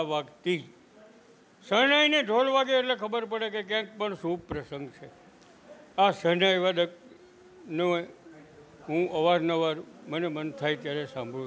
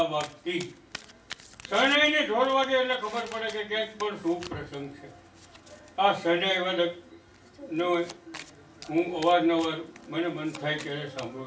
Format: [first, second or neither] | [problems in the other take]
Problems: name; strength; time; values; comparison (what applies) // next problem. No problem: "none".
first | background sound (Domestic sounds, home sounds); 19 dB below the speech // room echo; dies away in 0.3 s